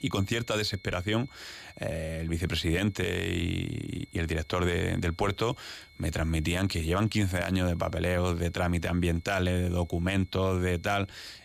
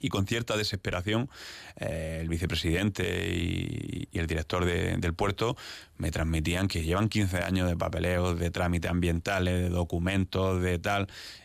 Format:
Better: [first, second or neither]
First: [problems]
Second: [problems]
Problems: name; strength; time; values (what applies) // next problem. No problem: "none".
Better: second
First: high-pitched whine; faint; throughout; 2 kHz, 25 dB below the speech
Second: none